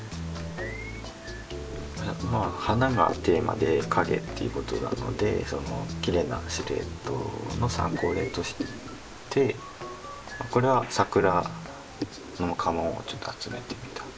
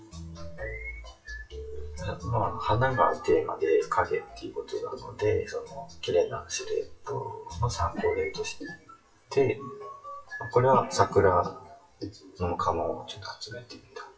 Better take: first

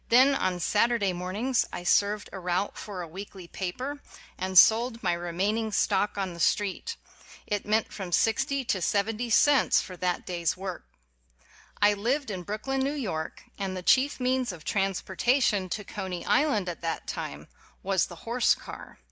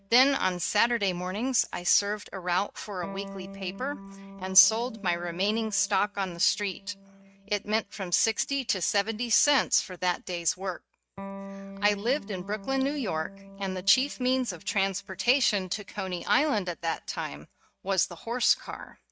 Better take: first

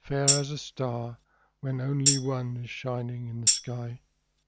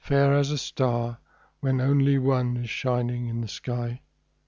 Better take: second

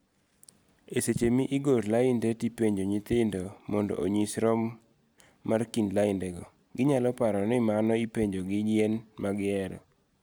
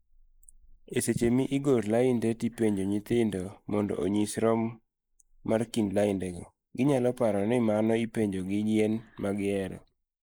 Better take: first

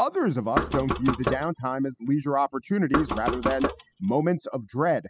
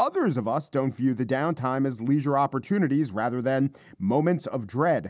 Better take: second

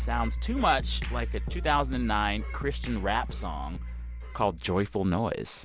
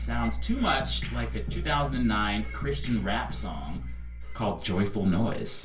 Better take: first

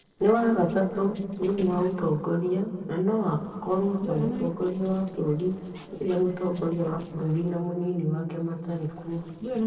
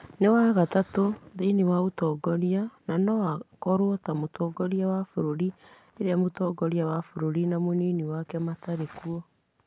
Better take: second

